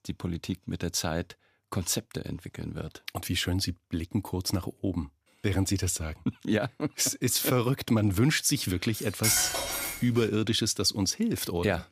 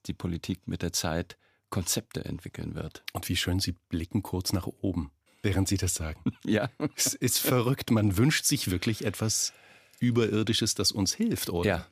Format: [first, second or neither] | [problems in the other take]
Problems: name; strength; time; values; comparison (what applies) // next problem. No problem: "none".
second | clattering dishes; loud; from 9 to 10 s; peak 4 dB above the speech